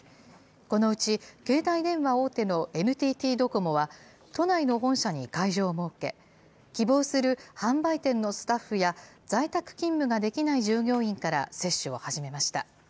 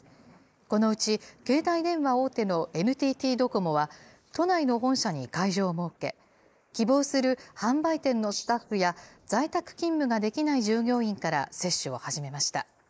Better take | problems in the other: first | noise reduction (neural mask model Resemble Enhance denoiser)

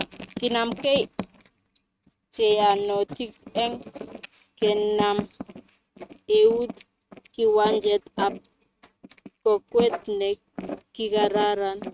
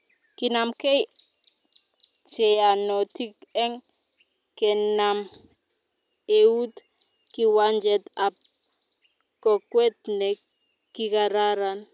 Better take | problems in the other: second | noise reduction (neural mask model RNNoise)

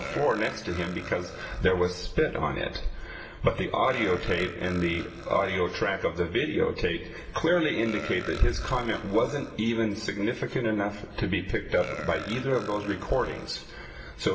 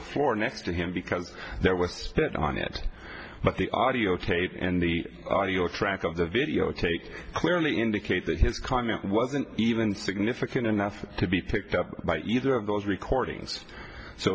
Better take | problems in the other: second | background sound (Burping, eructation); 15 dB below the speech // room echo; dies away in 0.9 s

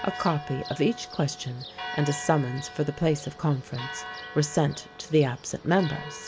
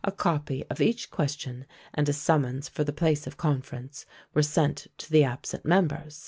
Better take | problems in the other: second | background sound (Church bell); 13 dB below the speech

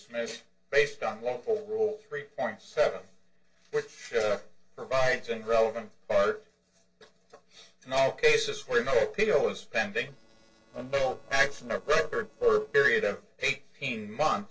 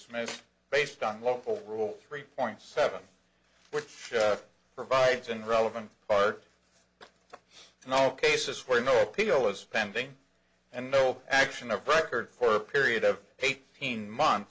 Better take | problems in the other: second | noise reduction (neural separator model SepFormer DNS4)

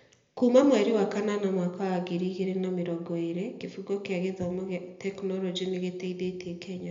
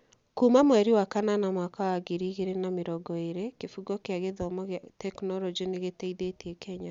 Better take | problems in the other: second | room echo; dies away in 0.9 s

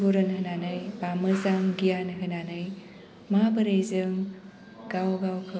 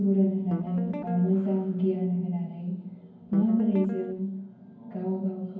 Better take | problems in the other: first | background sound (Guitar); 12 dB below the speech // room echo; dies away in 0.9 s

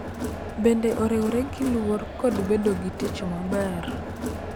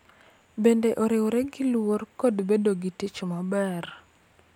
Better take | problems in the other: second | background sound (Crowd); 6 dB below the speech

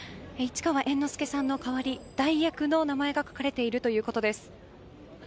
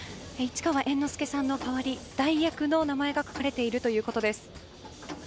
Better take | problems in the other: first | background sound (Mechanisms); 17 dB below the speech

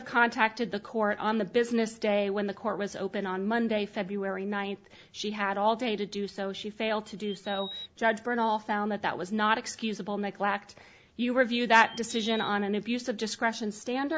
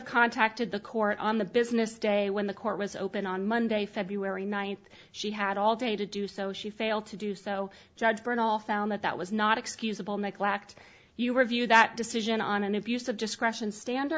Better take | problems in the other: second | background sound (Bird vocalization, bird call, bird song); 14 dB below the speech

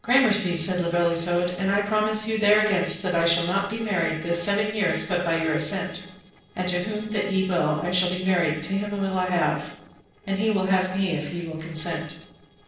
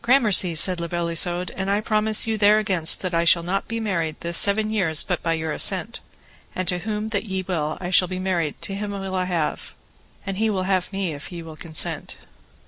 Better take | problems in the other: second | noise reduction (neural separator model SepFormer DNS4)

